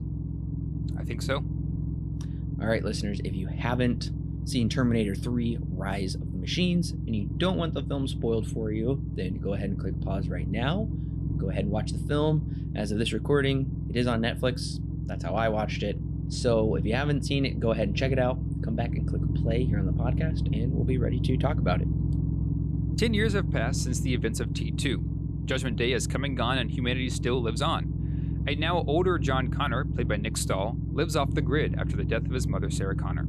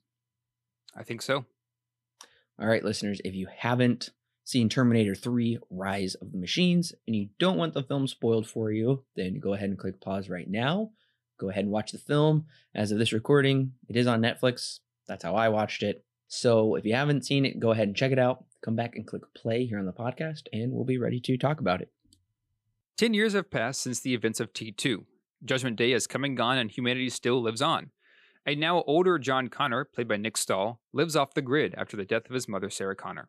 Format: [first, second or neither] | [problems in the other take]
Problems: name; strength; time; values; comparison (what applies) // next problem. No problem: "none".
second | low rumble; loud; throughout; 10 dB below the speech